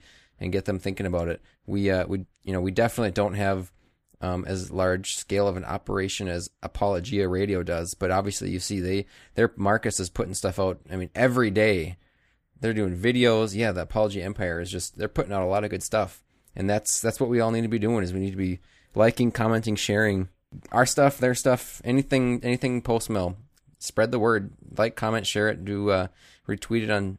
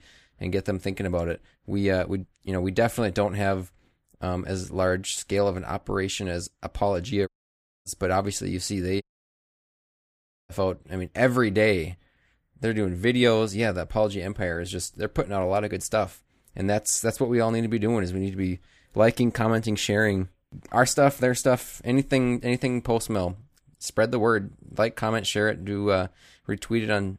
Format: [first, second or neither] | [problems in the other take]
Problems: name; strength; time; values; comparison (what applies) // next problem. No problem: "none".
first | audio cutting out; at 7.5 s for 0.5 s and at 9 s for 1.5 s